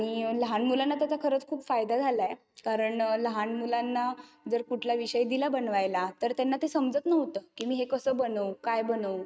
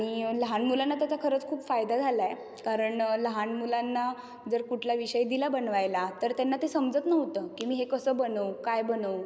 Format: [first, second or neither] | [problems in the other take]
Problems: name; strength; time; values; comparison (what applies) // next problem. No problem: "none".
second | noise reduction (neural mask model RNNoise)